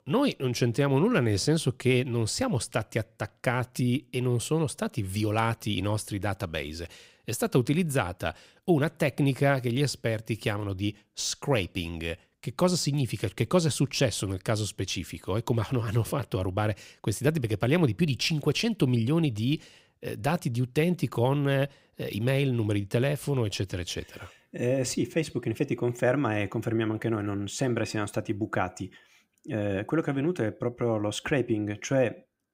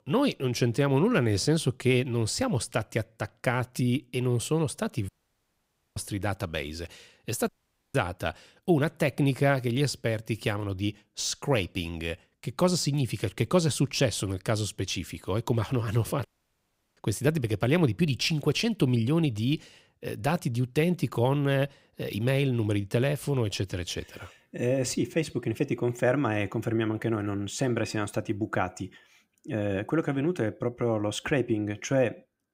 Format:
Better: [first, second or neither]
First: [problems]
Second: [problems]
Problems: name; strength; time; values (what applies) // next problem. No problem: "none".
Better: first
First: none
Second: audio cutting out; at 5 s for 1 s, at 7.5 s and at 16 s for 0.5 s